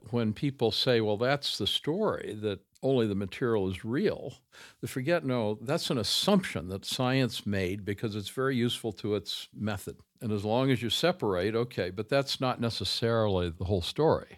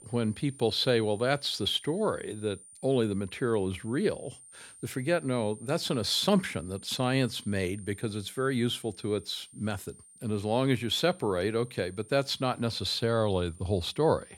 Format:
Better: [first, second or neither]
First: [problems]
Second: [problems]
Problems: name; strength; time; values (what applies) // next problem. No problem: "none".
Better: first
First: none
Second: high-pitched whine; faint; throughout; 9 kHz, 20 dB below the speech